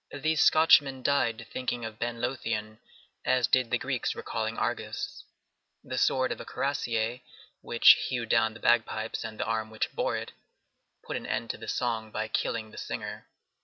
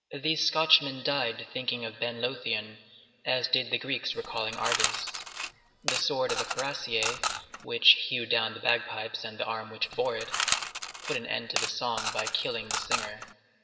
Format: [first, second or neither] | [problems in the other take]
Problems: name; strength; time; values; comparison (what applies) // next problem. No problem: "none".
first | background sound (Coin (dropping) / Mechanisms); 3 dB below the speech // room echo; dies away in 2.6 s